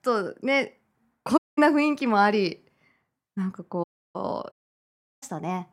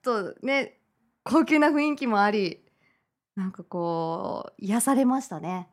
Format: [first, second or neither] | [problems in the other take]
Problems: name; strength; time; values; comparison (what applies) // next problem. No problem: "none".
second | audio cutting out; at 1.5 s, at 4 s and at 4.5 s for 0.5 s